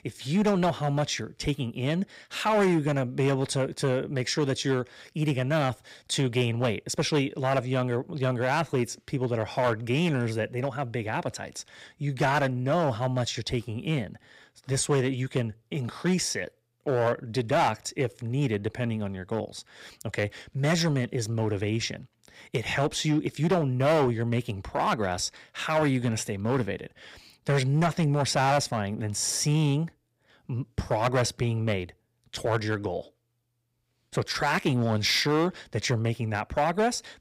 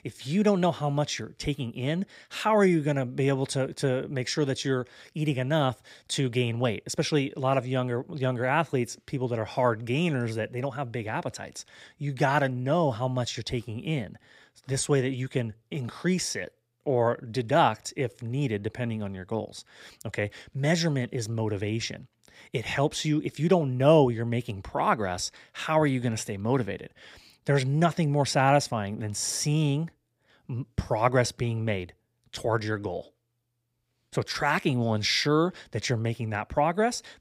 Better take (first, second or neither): second